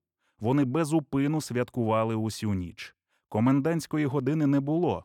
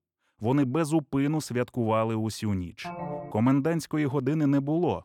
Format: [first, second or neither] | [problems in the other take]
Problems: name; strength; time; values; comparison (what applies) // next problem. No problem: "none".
first | phone ringing; noticeable; at 3 s; peak 9 dB below the speech